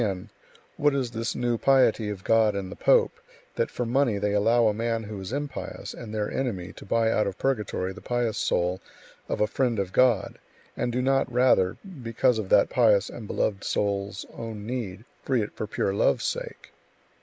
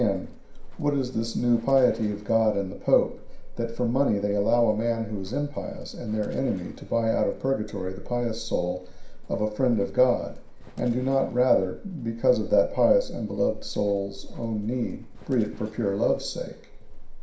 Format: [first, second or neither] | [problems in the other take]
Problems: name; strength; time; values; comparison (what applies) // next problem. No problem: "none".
first | background sound (Livestock, farm animals, working animals); 11 dB below the speech // room echo; dies away in 0.5 s